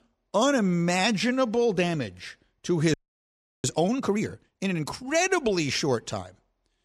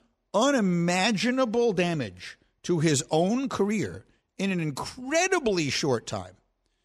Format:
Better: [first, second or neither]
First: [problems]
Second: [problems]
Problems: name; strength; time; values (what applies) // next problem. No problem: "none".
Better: second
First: audio freezing; at 3 s for 0.5 s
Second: none